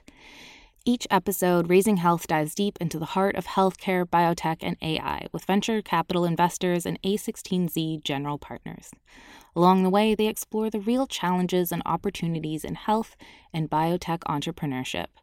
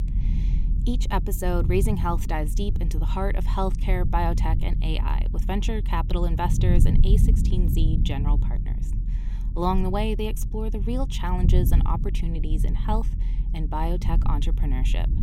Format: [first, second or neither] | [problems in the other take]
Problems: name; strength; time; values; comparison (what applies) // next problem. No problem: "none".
first | low rumble; noticeable; throughout; 10 dB below the speech